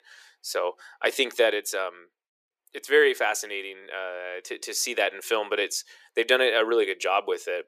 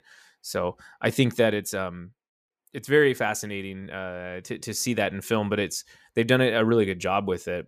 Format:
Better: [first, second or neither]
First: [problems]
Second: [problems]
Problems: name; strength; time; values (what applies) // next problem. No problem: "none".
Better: second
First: thin; very; fading below 350 Hz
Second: none